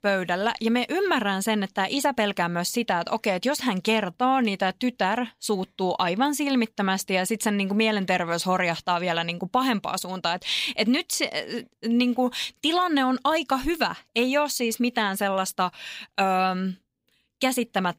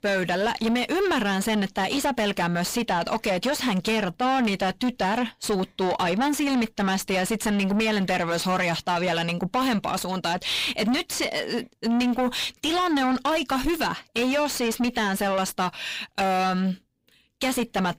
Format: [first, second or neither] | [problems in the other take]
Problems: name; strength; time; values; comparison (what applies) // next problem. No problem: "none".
first | distortion; heavy; 7 dB below the speech